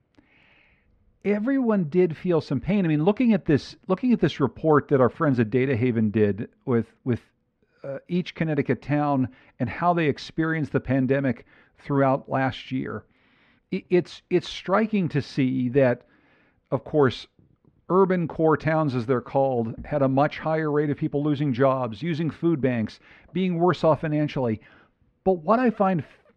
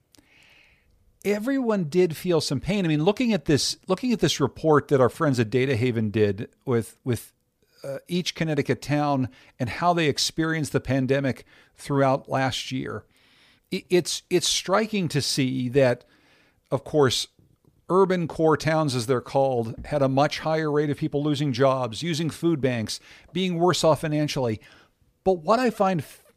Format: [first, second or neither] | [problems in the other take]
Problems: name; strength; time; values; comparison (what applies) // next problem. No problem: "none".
second | muffled; very; fading above 2 kHz